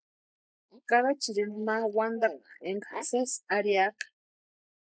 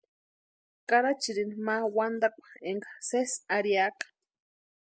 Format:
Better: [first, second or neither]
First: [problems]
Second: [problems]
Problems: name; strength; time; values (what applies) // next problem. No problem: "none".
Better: second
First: noise reduction (neural mask model Resemble Enhance denoiser)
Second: none